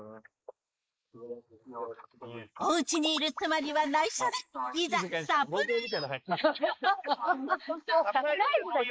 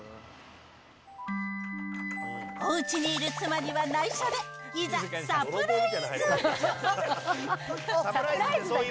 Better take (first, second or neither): second